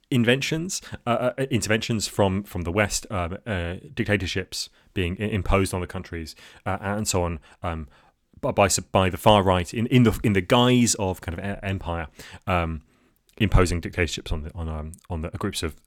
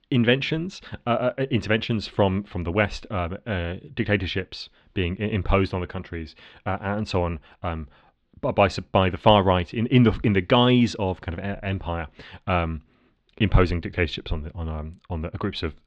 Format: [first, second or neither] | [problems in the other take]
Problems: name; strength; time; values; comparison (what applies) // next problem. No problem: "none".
first | muffled; slightly; fading above 4 kHz